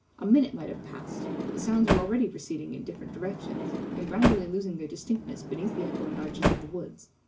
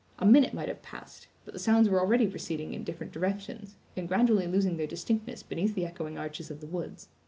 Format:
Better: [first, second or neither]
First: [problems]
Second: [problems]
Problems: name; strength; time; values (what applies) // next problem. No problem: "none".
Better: second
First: background sound (Sliding door); 2 dB below the speech // room echo; dies away in 0.2 s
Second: none